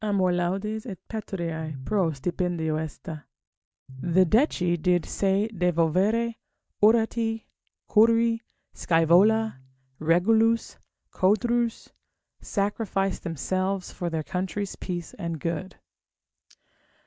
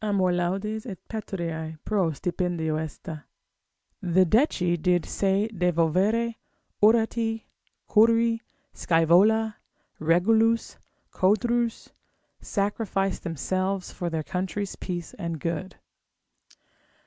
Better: second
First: noise reduction (neural mask model DeepFilterNet 3)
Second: none

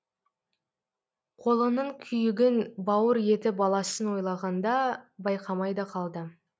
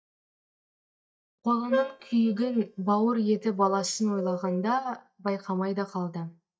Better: first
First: none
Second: noise reduction (neural mask model DeepFilterNet 3)

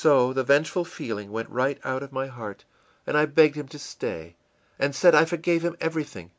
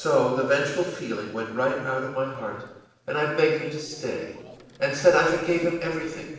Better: first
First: none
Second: noise reduction (neural separator model SepFormer DNS4)

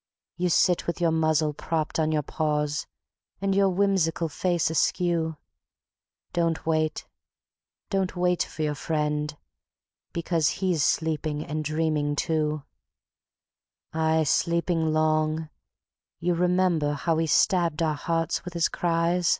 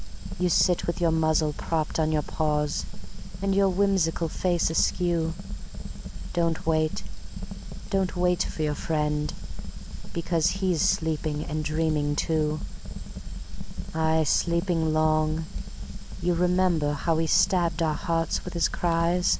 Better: first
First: none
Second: background sound (Fire); 5 dB below the speech

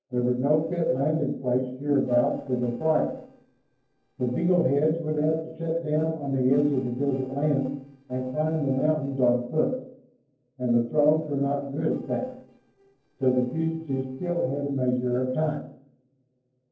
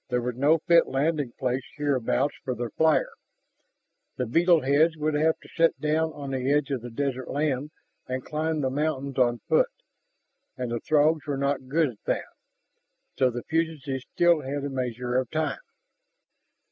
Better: second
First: noise reduction (neural separator model SepFormer DNS4)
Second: none

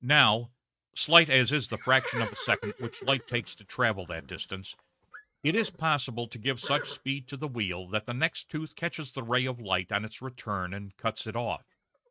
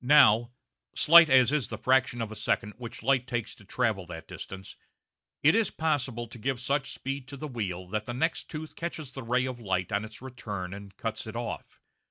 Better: second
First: noise reduction (neural mask model RNNoise)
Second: none

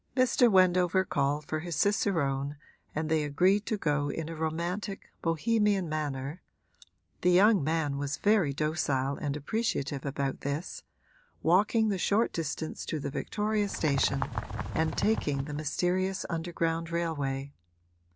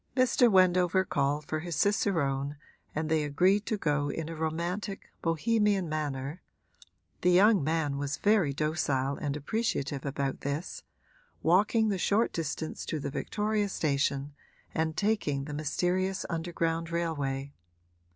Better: second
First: background sound (Bird); 6 dB below the speech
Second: none

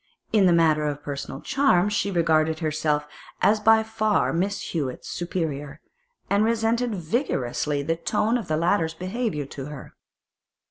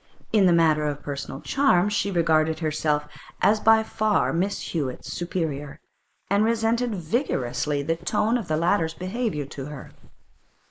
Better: first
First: none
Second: noise reduction (neural mask model Resemble Enhance denoiser)

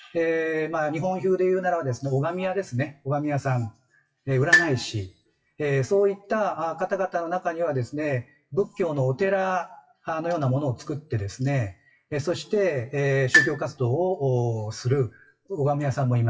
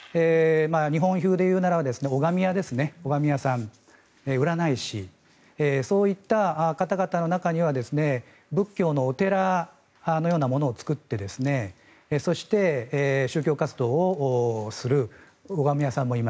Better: second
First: noise reduction (classical method WPE with log-MMSE)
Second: none

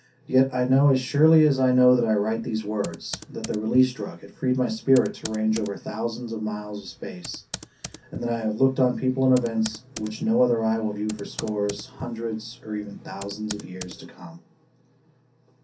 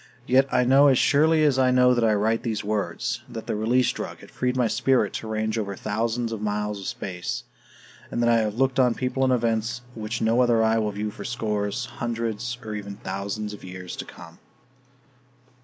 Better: second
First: background sound (Computer keyboard); 18 dB below the speech // room echo; dies away in 0.3 s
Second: none

